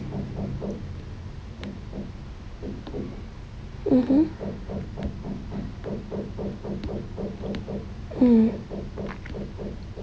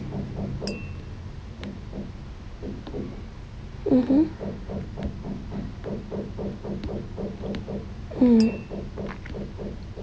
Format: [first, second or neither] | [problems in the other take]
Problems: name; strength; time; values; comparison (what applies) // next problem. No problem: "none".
first | background sound (Glass); 19 dB below the speech